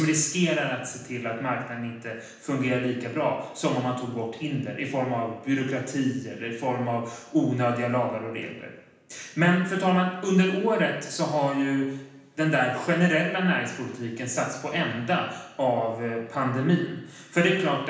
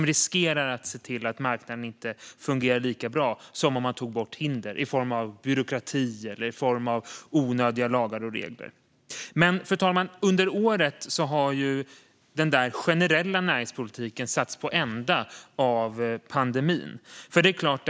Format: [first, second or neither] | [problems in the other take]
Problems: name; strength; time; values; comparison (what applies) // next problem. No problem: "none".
second | room echo; dies away in 0.9 s